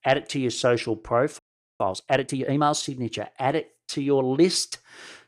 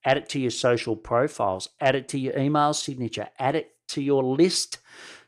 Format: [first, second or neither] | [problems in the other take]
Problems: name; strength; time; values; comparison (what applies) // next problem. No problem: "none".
second | audio freezing; at 1.5 s